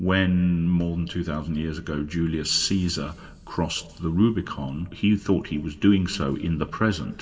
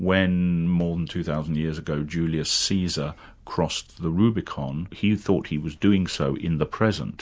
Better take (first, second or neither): second